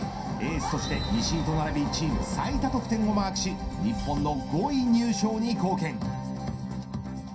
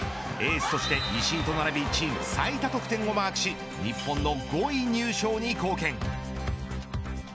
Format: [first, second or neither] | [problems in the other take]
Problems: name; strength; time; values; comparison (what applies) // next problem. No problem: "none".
second | background sound (Thunder); 10 dB below the speech // room echo; dies away in 0.3 s